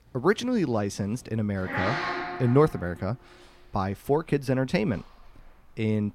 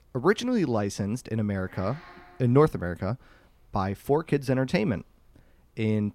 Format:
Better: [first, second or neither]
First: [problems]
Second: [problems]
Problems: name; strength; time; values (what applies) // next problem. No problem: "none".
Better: second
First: animal sounds; loud; throughout; 5 dB below the speech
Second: animal sounds; faint; throughout; 25 dB below the speech